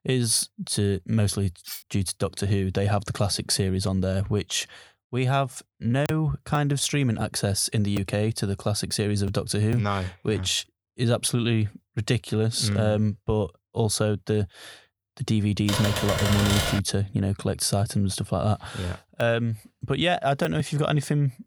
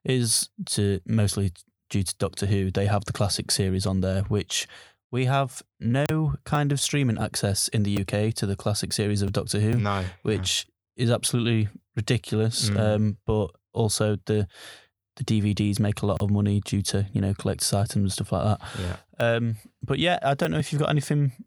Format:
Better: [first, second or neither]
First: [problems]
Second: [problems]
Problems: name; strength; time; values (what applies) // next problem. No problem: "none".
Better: second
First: clattering dishes; faint; at 1.5 s; peak 10 dB below the speech // keyboard typing; loud; from 16 to 17 s; peak 1 dB above the speech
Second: none